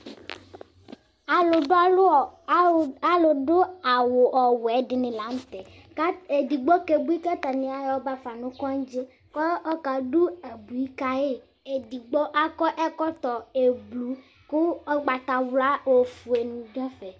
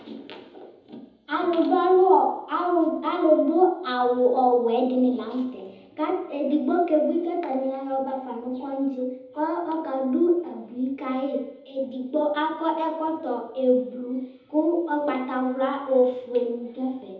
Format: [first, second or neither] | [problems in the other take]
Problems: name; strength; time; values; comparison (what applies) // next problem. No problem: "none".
first | room echo; dies away in 1 s